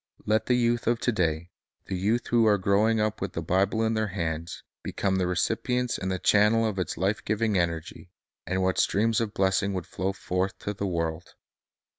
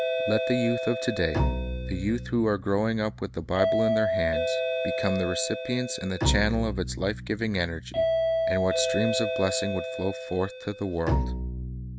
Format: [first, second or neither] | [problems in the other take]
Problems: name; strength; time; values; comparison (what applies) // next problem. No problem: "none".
first | background sound (Bowed string instrument + Doorbell); as loud as the speech